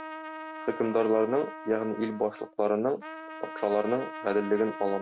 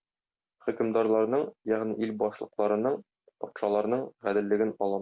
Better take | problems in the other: second | background sound (Trumpet); 12 dB below the speech

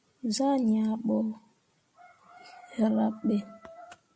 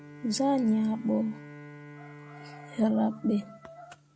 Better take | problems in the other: first | background sound (Bowed string instrument); 18 dB below the speech

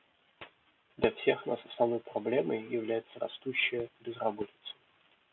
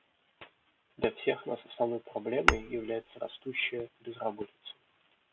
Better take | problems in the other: first | background sound (Tap / Glass); 3 dB above the speech

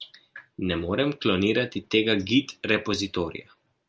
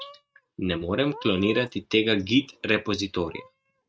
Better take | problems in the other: first | noise reduction (neural mask model RNNoise)

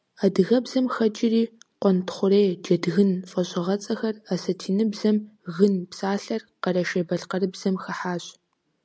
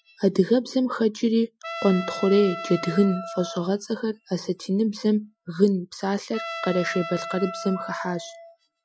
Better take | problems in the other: first | noise reduction (classical method Wiener filter)

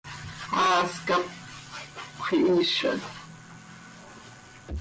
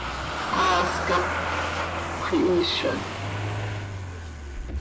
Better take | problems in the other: first | background sound (Engine starting / Motor vehicle (road)); 1 dB below the speech

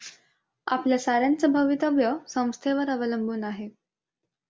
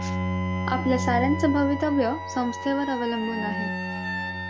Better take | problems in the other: first | background sound (Bowed string instrument + Wind instrument, woodwind instrument); 3 dB below the speech

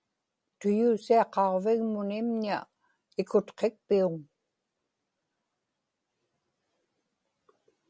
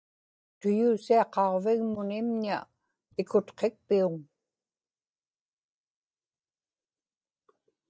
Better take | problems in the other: first | noise reduction (neural mask model DeepFilterNet 3)

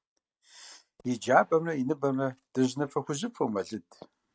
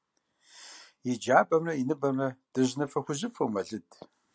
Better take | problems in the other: second | noise reduction (neural mask model RNNoise)

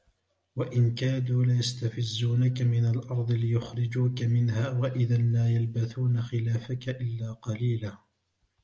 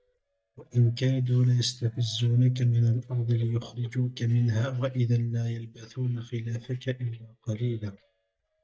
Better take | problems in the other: first | noise reduction (neural mask model DeepFilterNet 3)

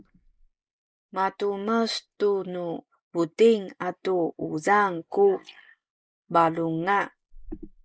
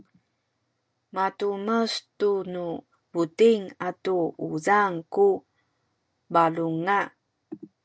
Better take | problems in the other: second | noise reduction (neural mask model Resemble Enhance denoiser)

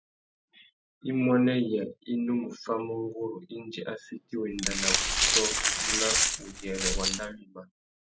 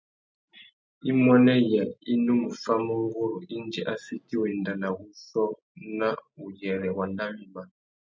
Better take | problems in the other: second | background sound (Glass); 4 dB above the speech

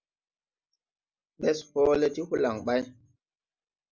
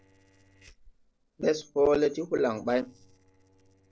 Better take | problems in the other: first | noise reduction (neural separator model SepFormer DNS4)

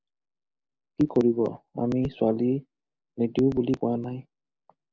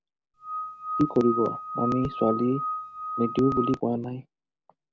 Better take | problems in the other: first | background sound (Screech / Glass); 5 dB below the speech

